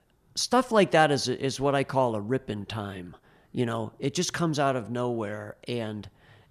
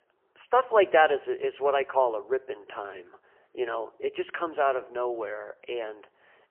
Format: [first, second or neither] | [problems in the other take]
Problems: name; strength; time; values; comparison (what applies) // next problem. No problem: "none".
first | phone-call audio; poor line; nothing above 3 kHz